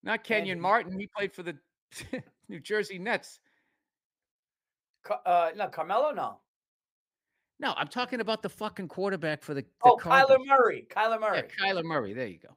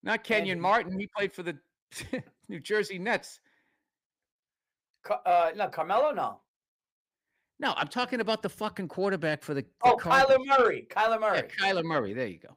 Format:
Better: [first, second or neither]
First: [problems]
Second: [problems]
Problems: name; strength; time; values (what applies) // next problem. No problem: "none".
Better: first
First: none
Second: distortion; slight; 10 dB below the speech